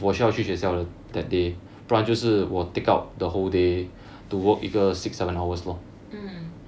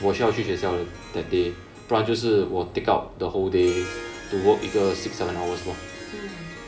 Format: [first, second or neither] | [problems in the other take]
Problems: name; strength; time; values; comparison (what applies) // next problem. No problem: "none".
first | background sound (Harp); 15 dB below the speech // room echo; dies away in 2 s